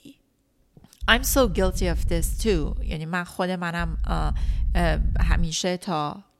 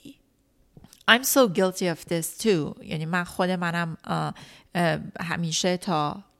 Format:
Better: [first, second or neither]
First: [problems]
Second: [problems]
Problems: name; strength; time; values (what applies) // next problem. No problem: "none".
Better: second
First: low rumble; faint; from 1 to 3 s and from 4 to 5.5 s; 25 dB below the speech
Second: none